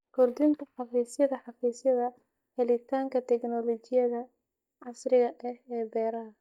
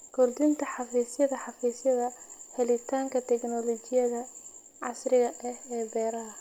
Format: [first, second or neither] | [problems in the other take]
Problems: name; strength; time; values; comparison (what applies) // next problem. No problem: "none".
second | noise reduction (neural mask model DeepFilterNet 3)